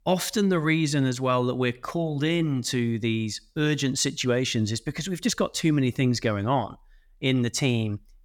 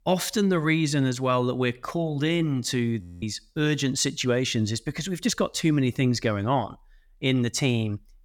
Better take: first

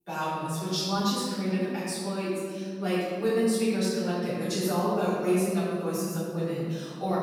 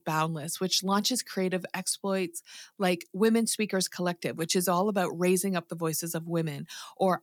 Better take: second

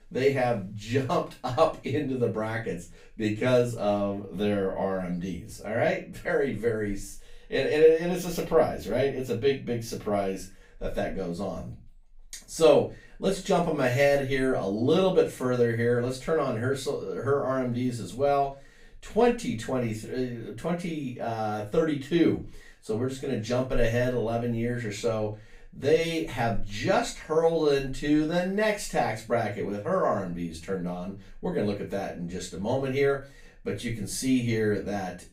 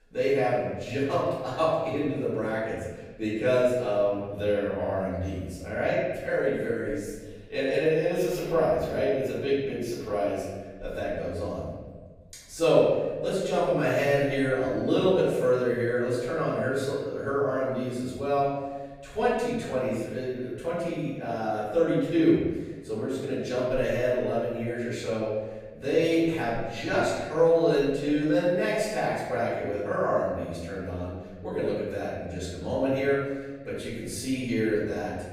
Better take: first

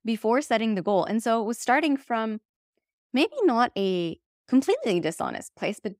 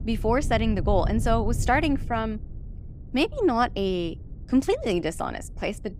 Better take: first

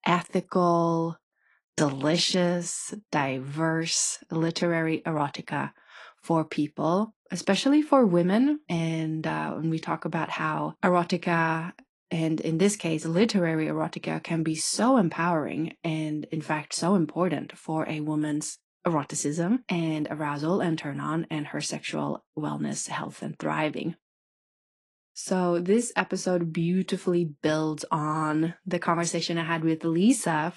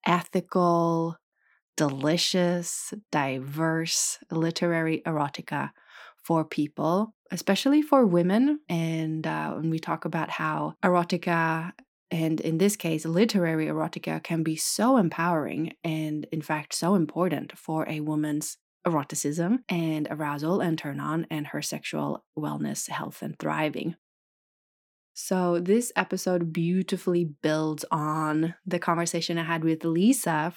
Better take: second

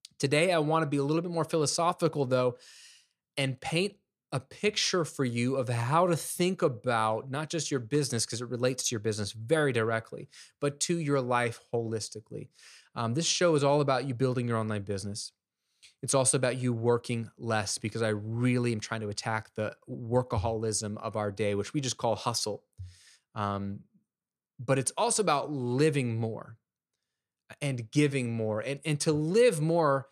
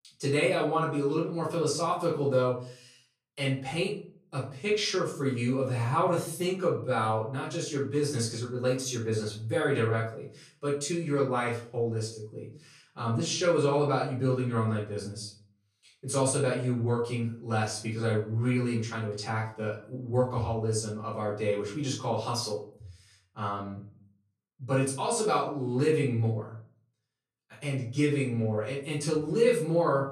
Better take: first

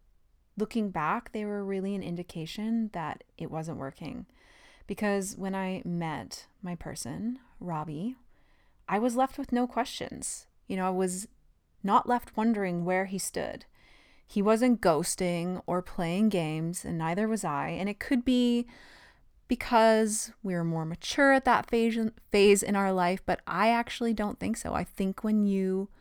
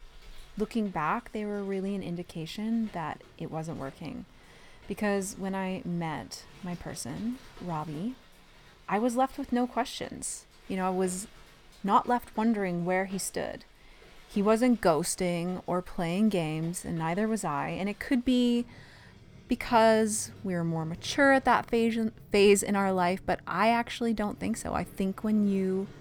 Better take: first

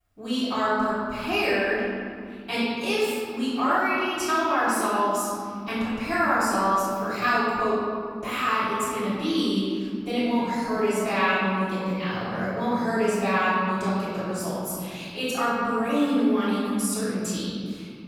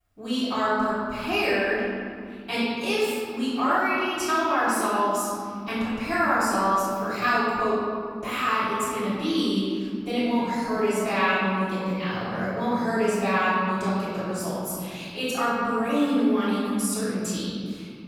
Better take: neither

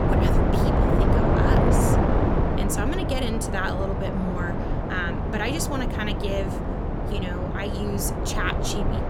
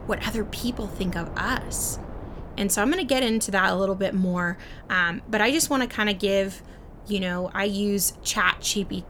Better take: second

